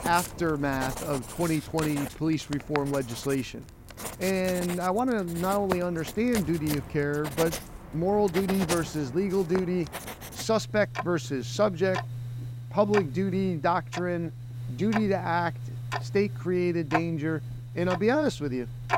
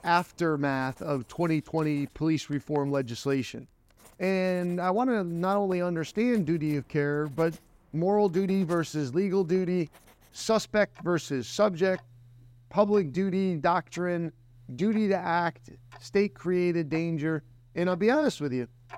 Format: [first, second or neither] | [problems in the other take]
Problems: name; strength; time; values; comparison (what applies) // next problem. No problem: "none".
second | household noises; loud; throughout; 9 dB below the speech; faint in the second